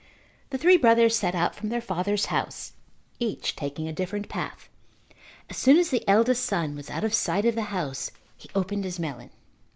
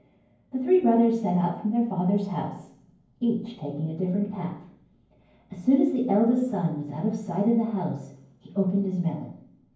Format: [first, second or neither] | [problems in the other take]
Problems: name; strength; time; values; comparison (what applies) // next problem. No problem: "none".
first | room echo; dies away in 0.9 s